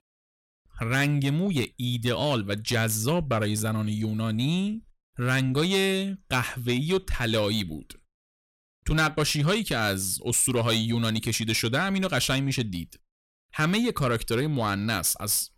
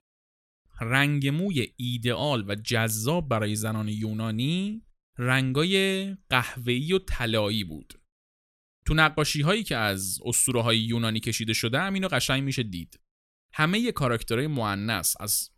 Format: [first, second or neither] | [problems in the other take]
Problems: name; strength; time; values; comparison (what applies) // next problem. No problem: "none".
second | distortion; slight; 10 dB below the speech